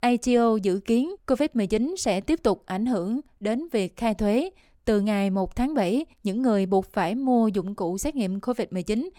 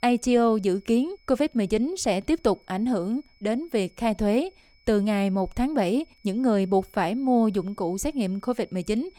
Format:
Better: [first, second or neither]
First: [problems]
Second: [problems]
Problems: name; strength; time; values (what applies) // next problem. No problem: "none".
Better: first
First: none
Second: high-pitched whine; faint; throughout; 2.5 kHz, 35 dB below the speech